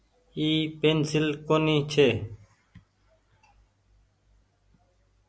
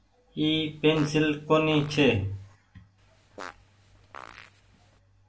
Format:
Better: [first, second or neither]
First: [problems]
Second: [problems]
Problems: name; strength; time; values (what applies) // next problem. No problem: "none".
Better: first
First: none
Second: background sound (Fart); 20 dB below the speech // room echo; dies away in 0.2 s